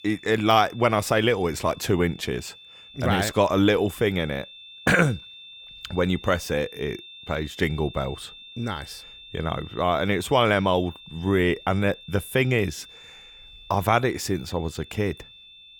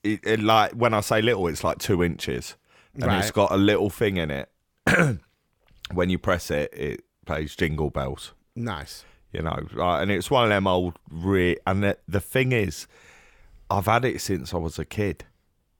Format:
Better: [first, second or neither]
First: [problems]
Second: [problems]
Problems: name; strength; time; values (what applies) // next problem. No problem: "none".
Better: second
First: high-pitched whine; noticeable; throughout; 3.5 kHz, 20 dB below the speech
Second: none